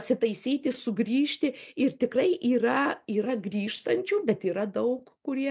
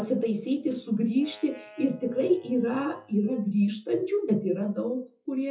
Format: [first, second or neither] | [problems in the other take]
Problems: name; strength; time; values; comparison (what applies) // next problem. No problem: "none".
first | noise reduction (classical method WPE with log-MMSE)